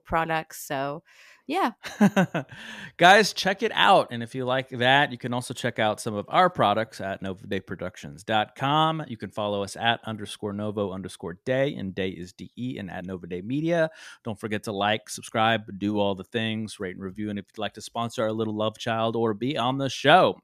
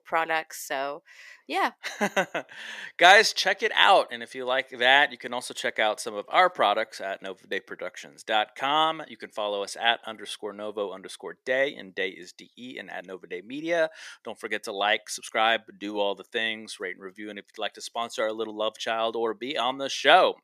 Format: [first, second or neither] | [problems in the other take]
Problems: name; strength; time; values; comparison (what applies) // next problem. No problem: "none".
first | thin; somewhat; fading below 450 Hz